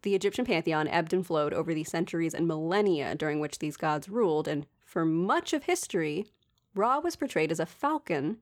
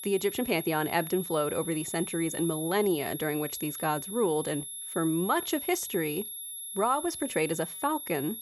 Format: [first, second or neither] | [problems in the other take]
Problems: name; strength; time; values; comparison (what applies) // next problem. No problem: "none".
first | high-pitched whine; loud; throughout; 11.5 kHz, 6 dB below the speech